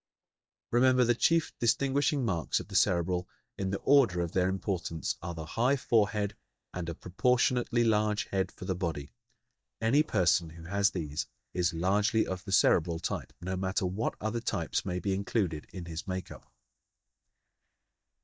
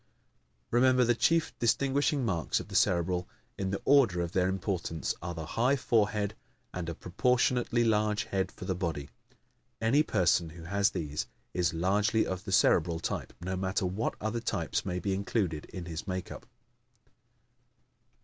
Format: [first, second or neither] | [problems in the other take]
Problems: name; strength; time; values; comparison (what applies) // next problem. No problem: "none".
second | noise reduction (neural mask model DeepFilterNet 3)